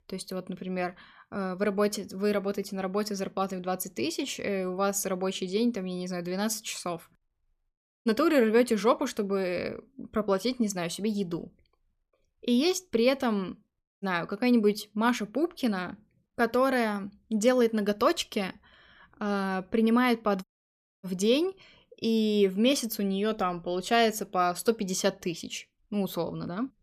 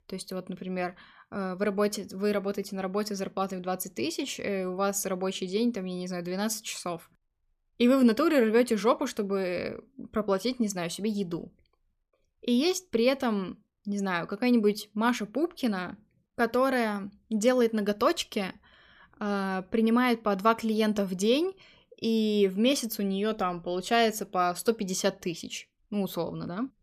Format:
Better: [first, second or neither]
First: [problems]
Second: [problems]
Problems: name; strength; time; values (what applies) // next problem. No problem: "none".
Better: second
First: audio cutting out; at 7.5 s, at 14 s and at 20 s for 0.5 s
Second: none